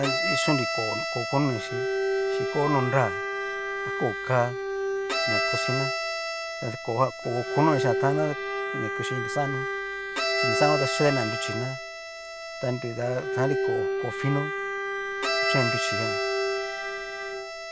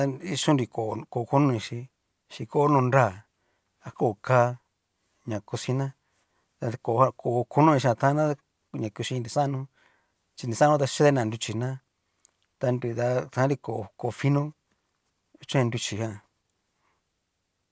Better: second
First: background sound (Bowed string instrument + Bowed string instrument); 1 dB above the speech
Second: none

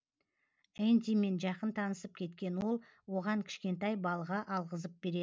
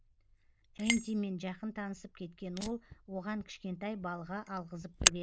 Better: first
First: none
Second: noise reduction (neural diffusion model UNIVERSE++)

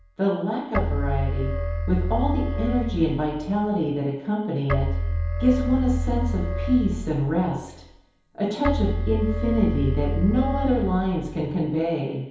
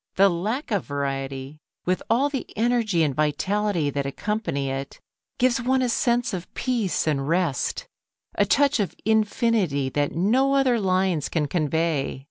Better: second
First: background sound (Keyboard (musical)); 2 dB below the speech // room echo; dies away in 2.2 s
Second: none

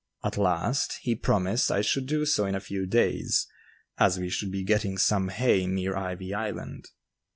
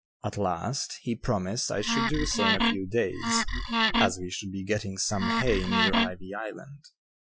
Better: first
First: none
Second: noise reduction (classical method Wiener filter)

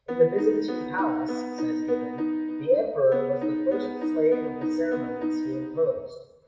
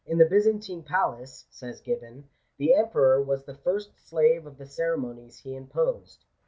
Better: second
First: background sound (Piano); 2 dB below the speech // room echo; dies away in 1.1 s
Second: none

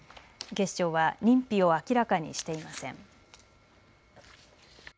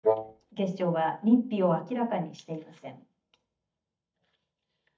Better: first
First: none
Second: noise reduction (neural mask model DeepFilterNet 3)

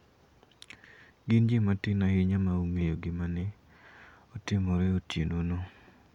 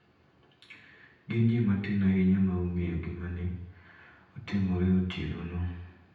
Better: first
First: none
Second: room echo; dies away in 0.9 s

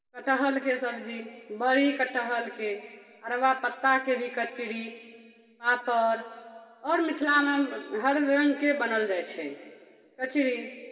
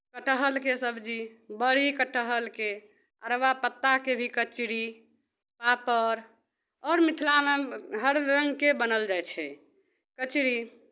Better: second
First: room echo; dies away in 2.2 s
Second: none

